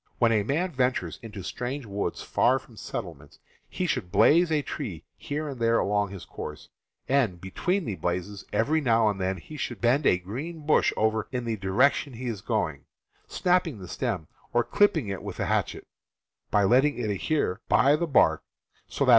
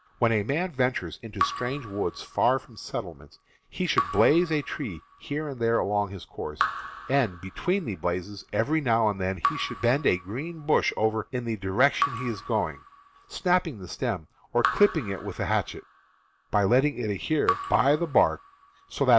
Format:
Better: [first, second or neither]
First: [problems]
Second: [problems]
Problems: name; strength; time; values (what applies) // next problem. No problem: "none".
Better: first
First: none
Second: background sound (Raindrop / Drip); 10 dB below the speech